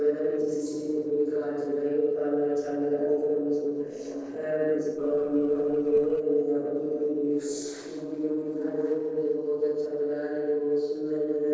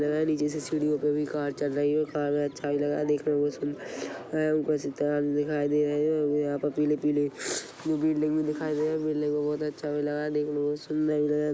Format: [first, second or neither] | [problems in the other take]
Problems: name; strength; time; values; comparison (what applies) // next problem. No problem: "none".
second | noise reduction (neural separator model SepFormer DNS4)